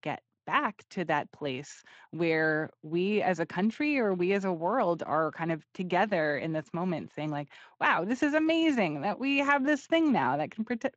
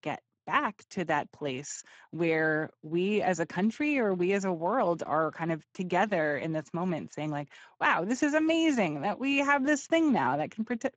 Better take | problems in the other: first | garbled, watery; badly; nothing above 7.5 kHz; slightly in the first

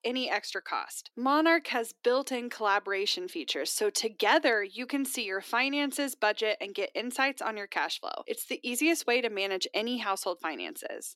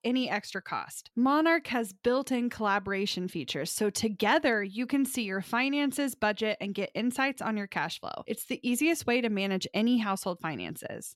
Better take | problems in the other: second | thin; somewhat; fading below 300 Hz

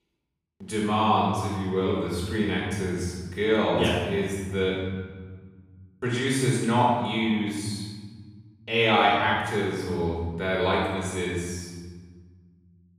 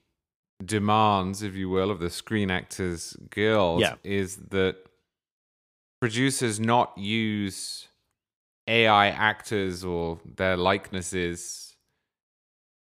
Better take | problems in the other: second | off-mic speech; far // room echo; strong; dies away in 1.7 s

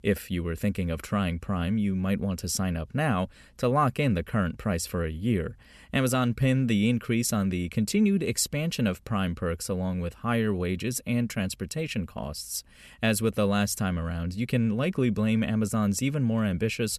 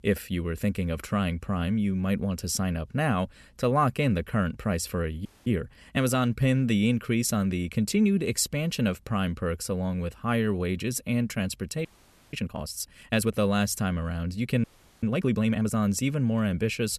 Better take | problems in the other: first | audio freezing; at 5.5 s, at 12 s and at 15 s

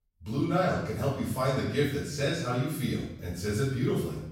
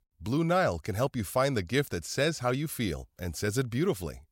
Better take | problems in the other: second | off-mic speech; far // room echo; noticeable; dies away in 0.8 s

